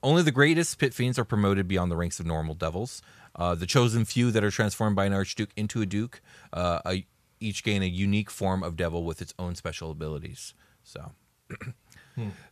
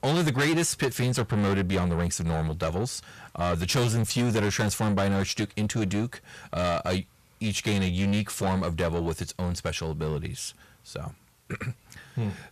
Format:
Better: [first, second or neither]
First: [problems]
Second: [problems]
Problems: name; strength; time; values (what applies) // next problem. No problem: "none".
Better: first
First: none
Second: distortion; heavy; 7 dB below the speech